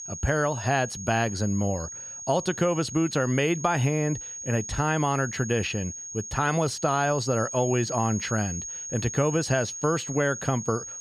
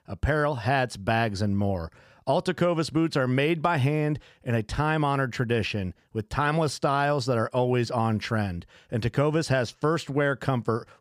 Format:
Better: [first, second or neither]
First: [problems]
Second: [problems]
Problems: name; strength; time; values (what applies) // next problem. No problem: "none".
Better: second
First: high-pitched whine; loud; throughout; 6.5 kHz, 8 dB below the speech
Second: none